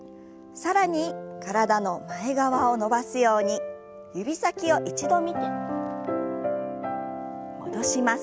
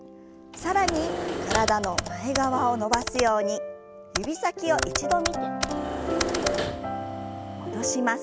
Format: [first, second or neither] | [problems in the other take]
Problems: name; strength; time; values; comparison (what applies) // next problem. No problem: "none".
first | background sound (Engine / Mechanisms + Computer keyboard); 5 dB below the speech